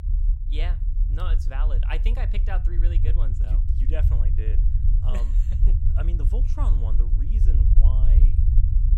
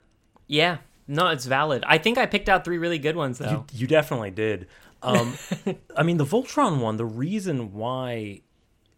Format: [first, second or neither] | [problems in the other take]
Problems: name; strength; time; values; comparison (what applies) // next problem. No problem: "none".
second | low rumble; loud; throughout; 3 dB below the speech